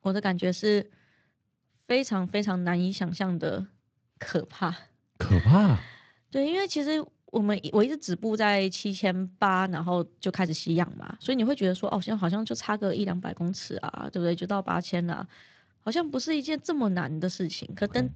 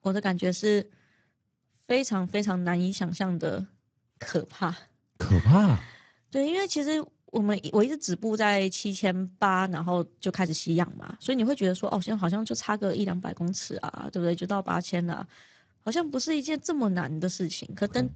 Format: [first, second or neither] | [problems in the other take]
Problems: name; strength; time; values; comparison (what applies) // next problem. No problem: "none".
first | garbled, watery; badly; nothing above 7.5 kHz; slightly in the first